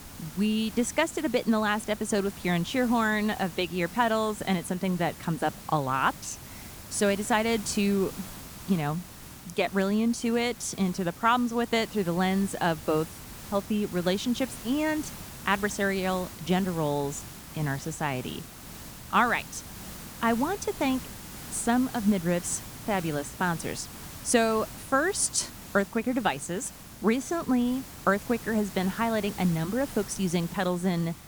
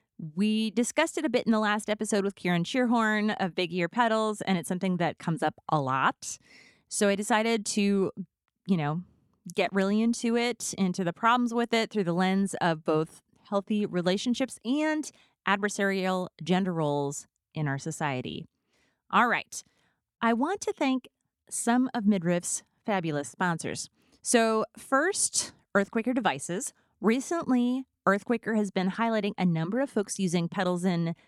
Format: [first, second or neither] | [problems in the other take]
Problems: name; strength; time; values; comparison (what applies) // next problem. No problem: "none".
second | hiss; noticeable; throughout; 15 dB below the speech